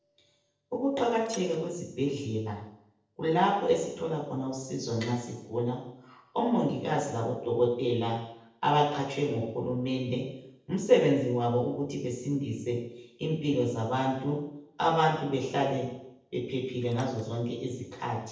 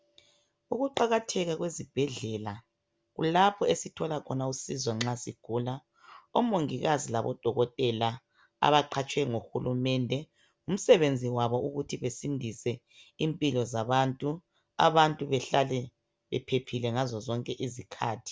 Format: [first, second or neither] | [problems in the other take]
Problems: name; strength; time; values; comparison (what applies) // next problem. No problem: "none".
second | noise reduction (neural separator model SepFormer DNS4)